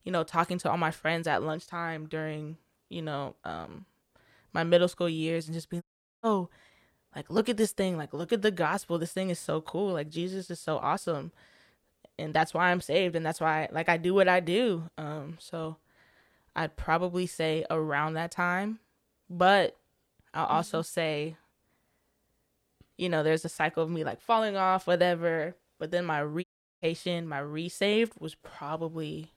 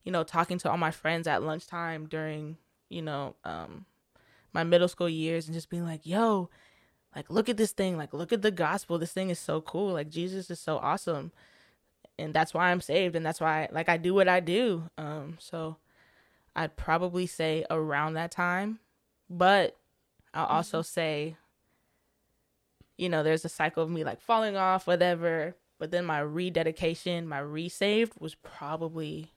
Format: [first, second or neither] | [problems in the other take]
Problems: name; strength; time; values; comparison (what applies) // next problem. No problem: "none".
second | audio cutting out; at 6 s and at 26 s